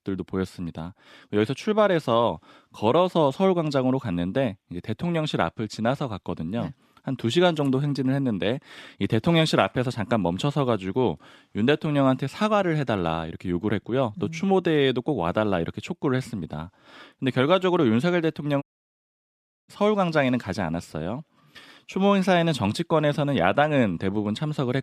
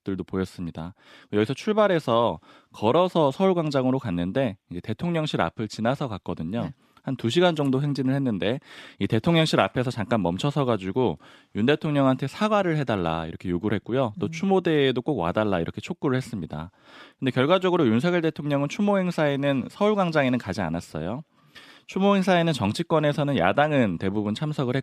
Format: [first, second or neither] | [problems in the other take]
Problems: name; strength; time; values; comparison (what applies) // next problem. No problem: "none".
second | audio cutting out; at 19 s for 1 s